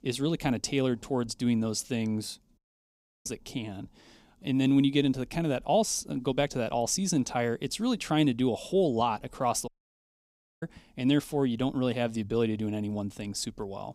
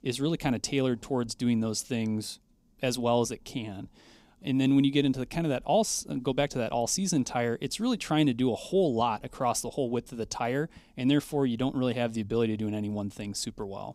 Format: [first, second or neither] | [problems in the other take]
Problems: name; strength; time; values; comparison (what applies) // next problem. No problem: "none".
second | audio cutting out; at 2.5 s for 0.5 s and at 9.5 s for 1 s